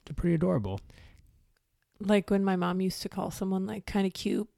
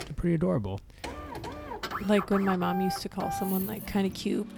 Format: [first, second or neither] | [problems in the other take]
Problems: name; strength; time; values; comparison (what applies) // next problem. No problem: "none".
first | household noises; loud; throughout; 7 dB below the speech